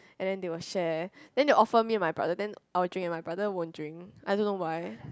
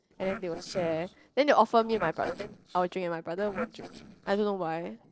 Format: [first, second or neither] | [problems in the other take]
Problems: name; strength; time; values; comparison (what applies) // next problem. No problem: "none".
first | noise reduction (neural separator model SepFormer DNS4)